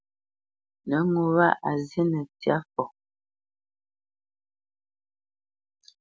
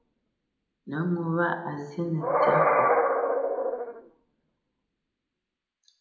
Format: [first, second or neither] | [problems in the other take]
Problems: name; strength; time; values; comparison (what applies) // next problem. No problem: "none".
first | background sound (Animal); 5 dB above the speech // room echo; dies away in 0.8 s